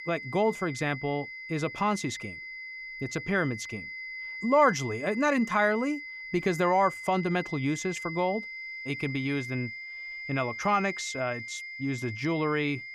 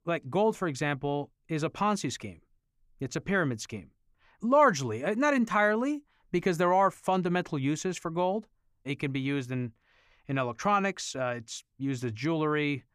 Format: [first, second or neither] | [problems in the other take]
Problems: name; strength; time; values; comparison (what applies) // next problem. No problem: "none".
second | high-pitched whine; loud; throughout; 2 kHz, 9 dB below the speech